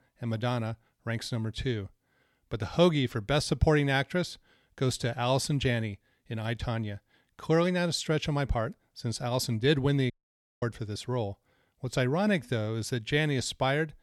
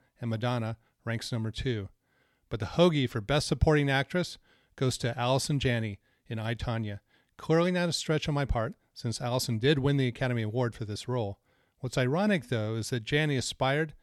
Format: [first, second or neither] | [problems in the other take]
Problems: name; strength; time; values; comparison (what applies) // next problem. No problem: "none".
second | audio cutting out; at 10 s for 0.5 s